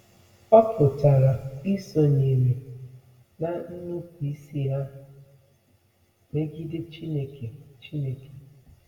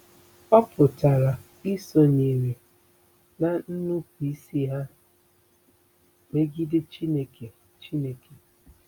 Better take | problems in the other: second | room echo; dies away in 1.2 s

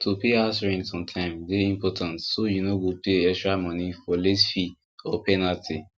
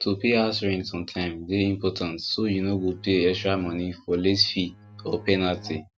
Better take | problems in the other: first | background sound (Bowed string instrument); 19 dB below the speech

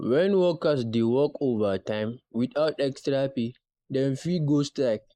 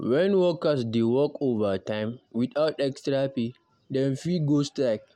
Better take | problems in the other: second | noise reduction (neural mask model Resemble Enhance denoiser)

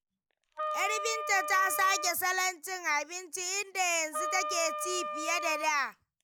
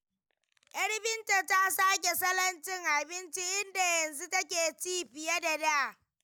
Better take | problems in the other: second | background sound (Wind instrument, woodwind instrument); 4 dB below the speech

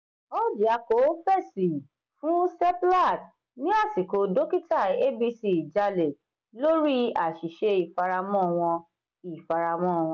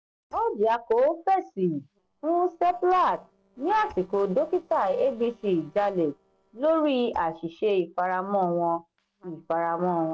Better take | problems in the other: first | noise reduction (neural separator model SepFormer DNS4)

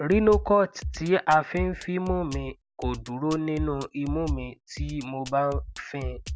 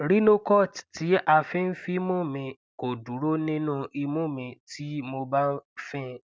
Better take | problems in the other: second | background sound (Drum kit); 9 dB below the speech

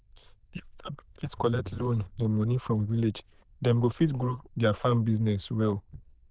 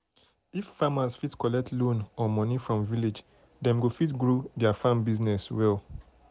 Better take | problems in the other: second | noise reduction (neural diffusion model UNIVERSE++)

